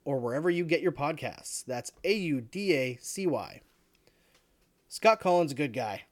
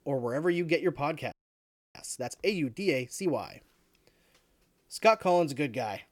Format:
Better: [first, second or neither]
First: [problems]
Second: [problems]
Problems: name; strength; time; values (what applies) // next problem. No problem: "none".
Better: first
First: none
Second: audio freezing; at 1.5 s for 0.5 s